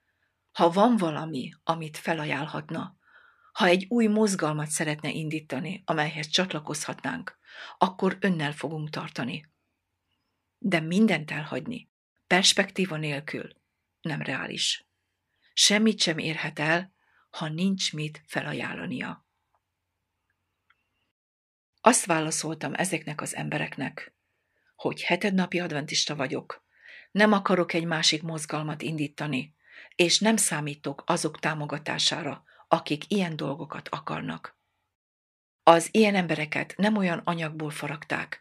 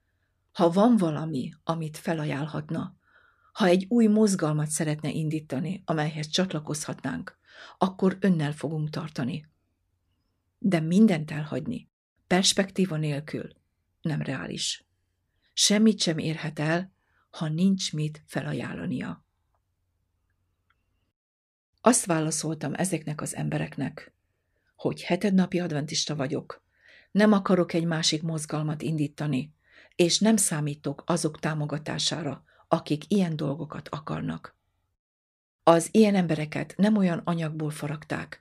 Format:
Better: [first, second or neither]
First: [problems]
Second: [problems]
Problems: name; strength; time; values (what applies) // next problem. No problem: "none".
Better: second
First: thin; very slightly; fading below 400 Hz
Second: none